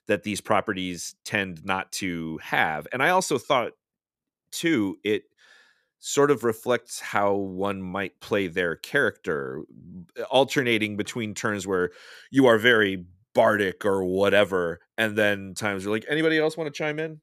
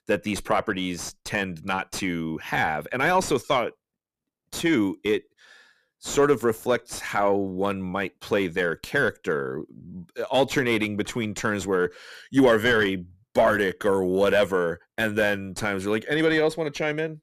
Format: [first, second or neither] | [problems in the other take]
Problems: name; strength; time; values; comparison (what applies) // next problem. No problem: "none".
first | distortion; slight; 10 dB below the speech